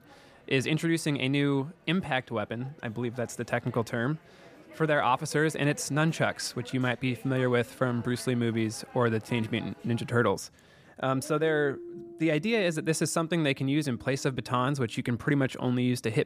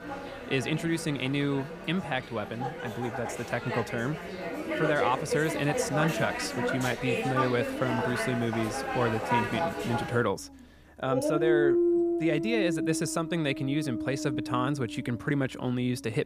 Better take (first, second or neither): first